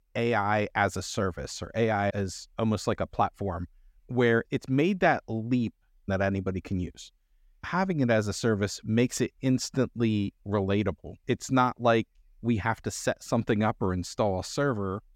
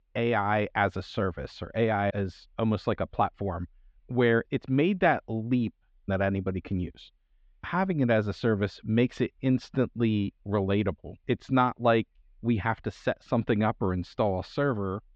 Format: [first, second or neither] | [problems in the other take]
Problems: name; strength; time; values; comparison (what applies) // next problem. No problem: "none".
first | muffled; slightly; fading above 3.5 kHz